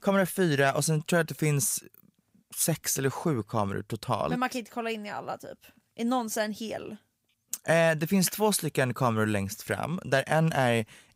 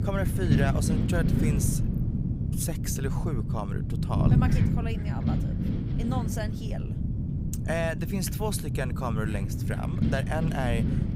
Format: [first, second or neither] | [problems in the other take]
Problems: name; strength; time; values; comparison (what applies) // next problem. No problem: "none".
first | wind noise on the microphone; heavy; 3 dB below the speech